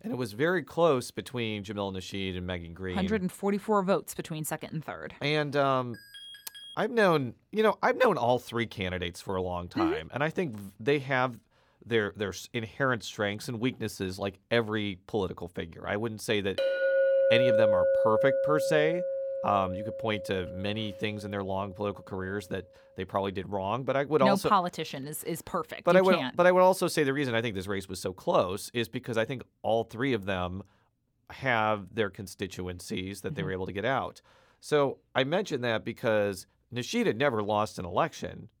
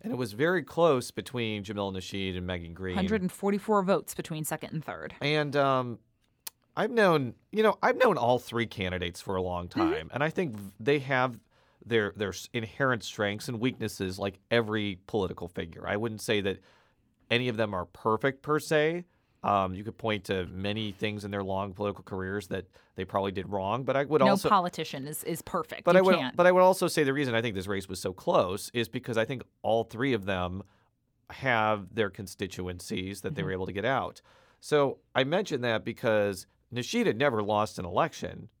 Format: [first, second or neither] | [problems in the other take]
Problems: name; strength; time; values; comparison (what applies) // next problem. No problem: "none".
second | alarm; faint; at 6 s; peak 15 dB below the speech // clattering dishes; loud; from 17 to 21 s; peak 6 dB above the speech